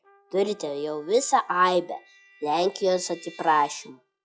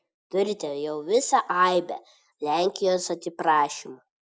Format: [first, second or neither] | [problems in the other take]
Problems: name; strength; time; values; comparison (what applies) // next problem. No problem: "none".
second | noise reduction (classical method log-MMSE)